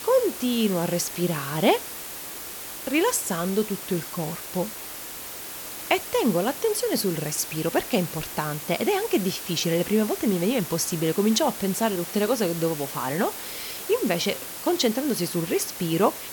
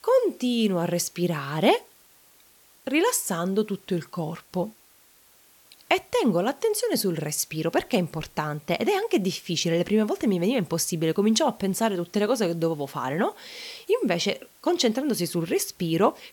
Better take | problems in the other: second | hiss; loud; throughout; 8 dB below the speech; faint in the second

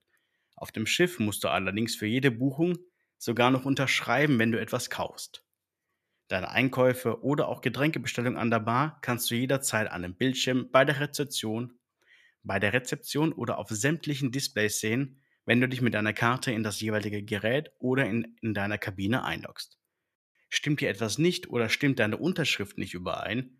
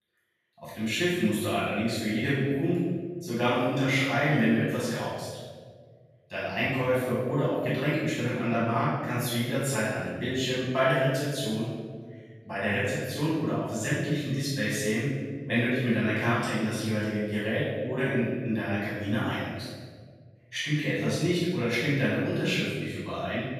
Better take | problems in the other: first | off-mic speech; far // room echo; strong; dies away in 1.6 s

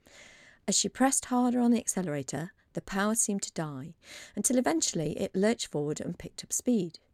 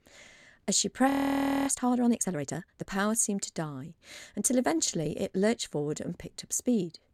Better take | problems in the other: first | audio freezing; at 1 s for 0.5 s

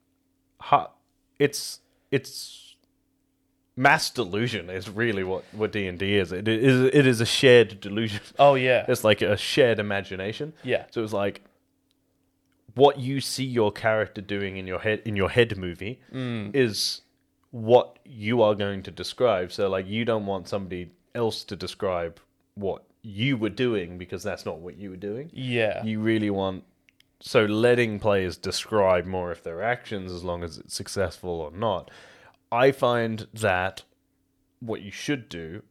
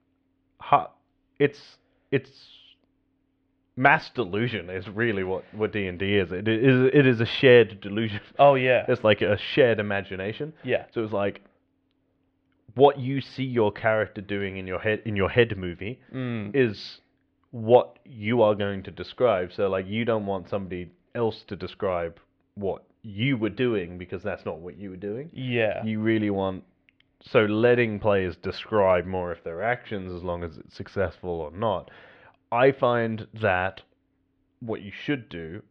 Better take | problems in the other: first | muffled; slightly; fading above 3 kHz

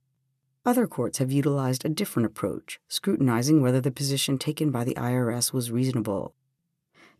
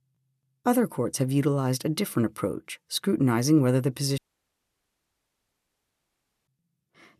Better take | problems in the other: first | audio cutting out; at 4 s for 2.5 s

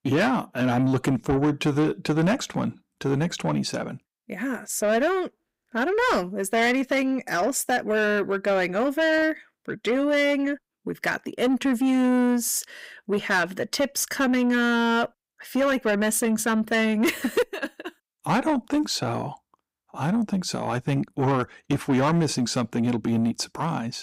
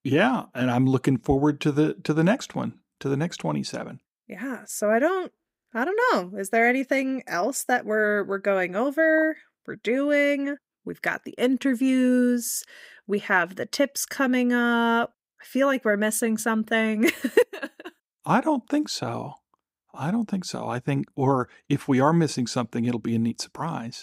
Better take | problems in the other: second | distortion; slight; 10 dB below the speech

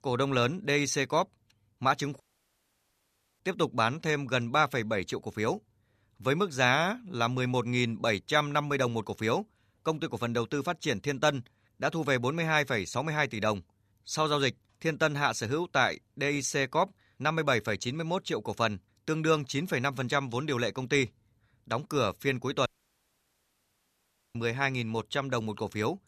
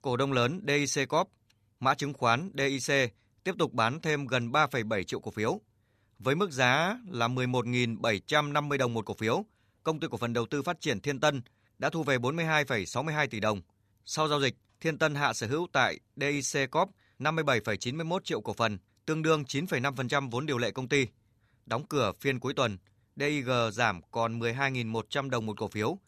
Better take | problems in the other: second | audio cutting out; at 2 s for 1 s and at 23 s for 1.5 s

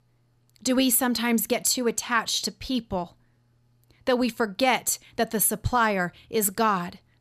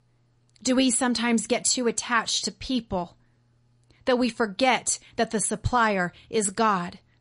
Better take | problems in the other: first | garbled, watery; slightly; nothing above 10.5 kHz

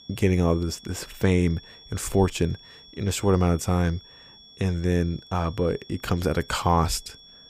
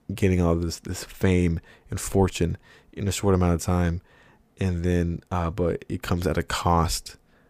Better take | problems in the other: second | high-pitched whine; faint; throughout; 3.5 kHz, 20 dB below the speech

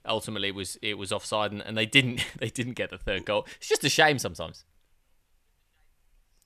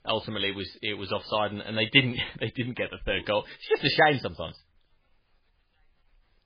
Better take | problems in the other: first | garbled, watery; badly; nothing above 4.5 kHz

